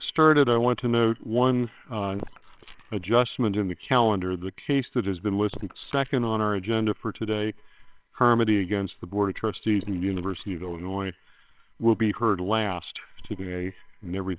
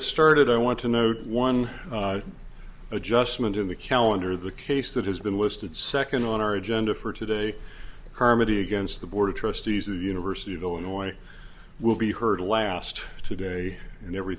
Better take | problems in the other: second | noise reduction (neural separator model SepFormer WHAMR!)

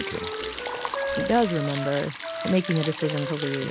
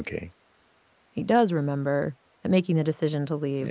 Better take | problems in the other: second | background sound (Liquid + Wind instrument, woodwind instrument); 5 dB below the speech

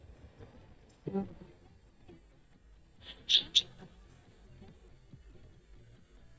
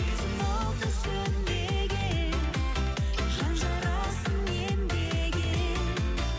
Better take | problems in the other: second | noise reduction (neural mask model DeepFilterNet 3)

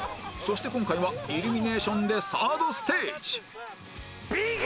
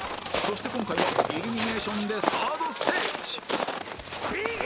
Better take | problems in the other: first | background sound (Walk, footsteps); 1 dB above the speech

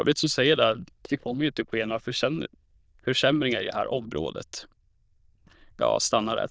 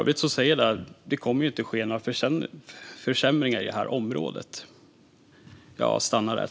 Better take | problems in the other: second | noise reduction (neural diffusion model UNIVERSE++)

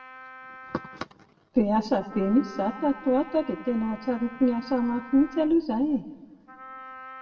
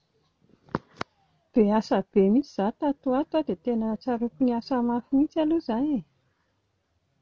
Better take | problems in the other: second | background sound (Wind instrument, woodwind instrument); 18 dB below the speech // room echo; dies away in 0.9 s

